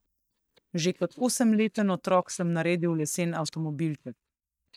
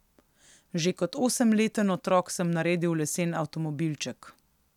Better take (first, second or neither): second